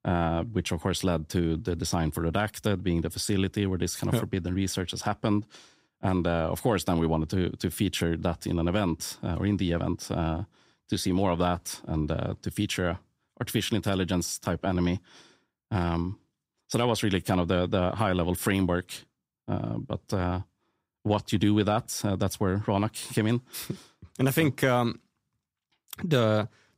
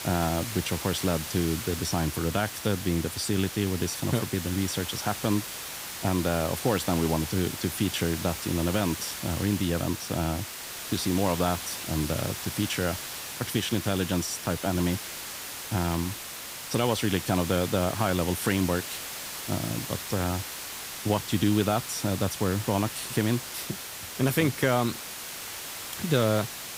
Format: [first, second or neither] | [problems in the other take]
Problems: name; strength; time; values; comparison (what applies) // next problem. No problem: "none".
first | hiss; loud; throughout; 6 dB below the speech